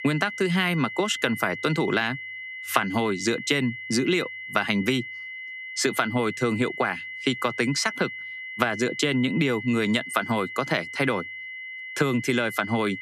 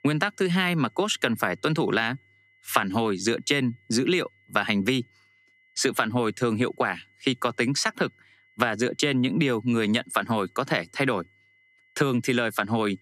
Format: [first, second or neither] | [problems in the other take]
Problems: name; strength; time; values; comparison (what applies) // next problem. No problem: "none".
second | high-pitched whine; loud; throughout; 2 kHz, 9 dB below the speech; faint in the second